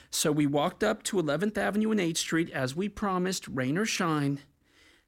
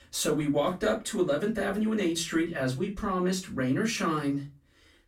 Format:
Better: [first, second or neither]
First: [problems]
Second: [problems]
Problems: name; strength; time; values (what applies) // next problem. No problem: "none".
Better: first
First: none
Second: off-mic speech; far // room echo; very slight; dies away in 0.2 s